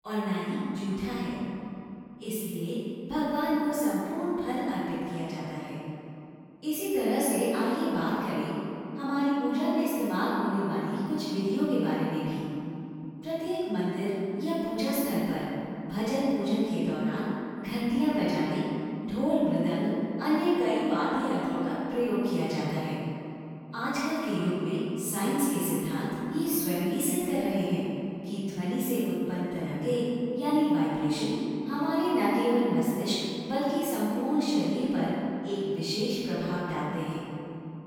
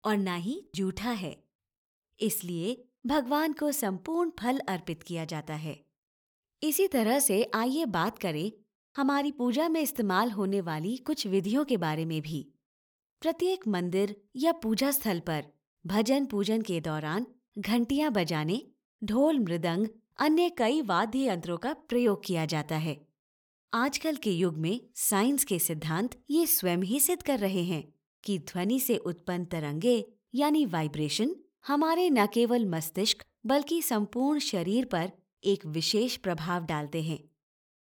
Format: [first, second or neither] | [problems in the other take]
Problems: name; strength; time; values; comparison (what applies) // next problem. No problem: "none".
second | room echo; strong; dies away in 2.8 s // off-mic speech; far